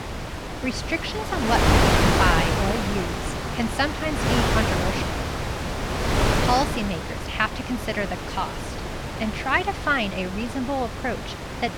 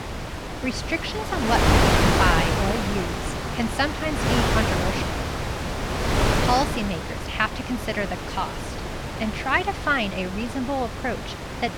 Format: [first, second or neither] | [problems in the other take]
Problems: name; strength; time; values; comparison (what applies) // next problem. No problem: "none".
neither | wind noise on the microphone; heavy; as loud as the speech; the same in both